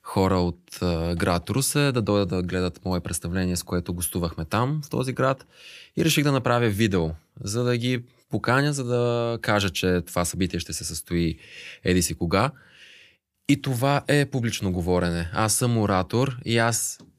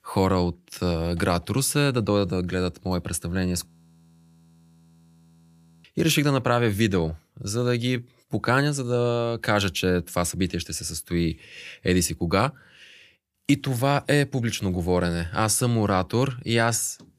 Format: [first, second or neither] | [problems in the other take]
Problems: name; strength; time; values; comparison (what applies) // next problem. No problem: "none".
first | audio freezing; at 3.5 s for 2 s